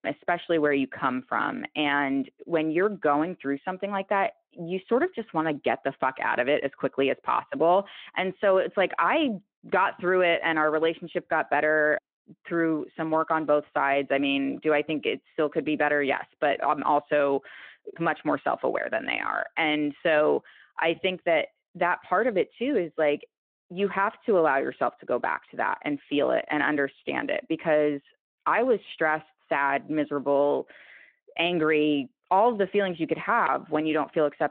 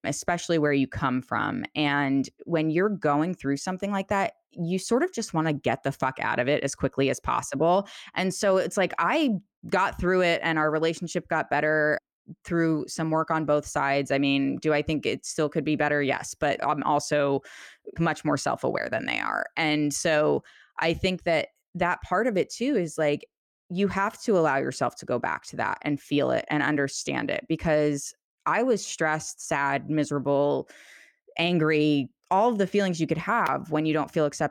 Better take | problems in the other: second | phone-call audio

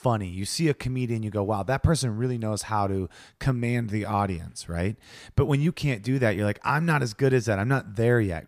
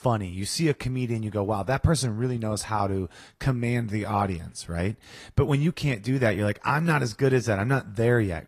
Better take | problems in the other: first | garbled, watery; slightly; nothing above 15 kHz

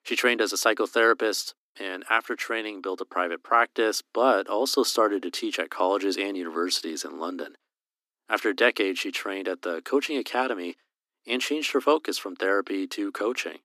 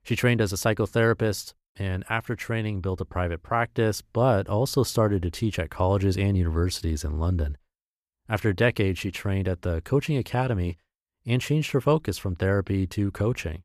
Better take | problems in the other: second | thin; somewhat; fading below 250 Hz

